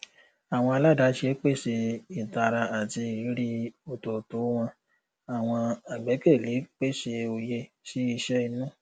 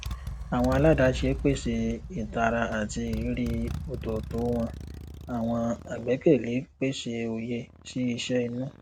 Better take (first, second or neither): first